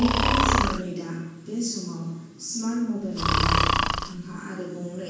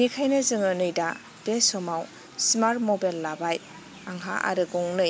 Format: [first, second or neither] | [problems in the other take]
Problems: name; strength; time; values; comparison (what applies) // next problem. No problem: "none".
second | background sound (Breathing); 3 dB above the speech // room echo; dies away in 1.2 s